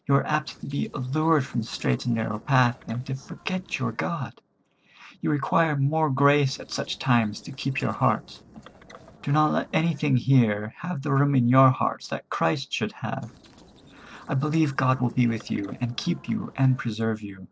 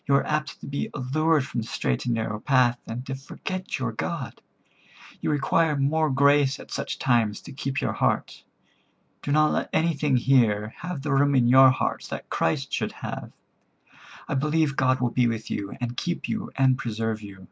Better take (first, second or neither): second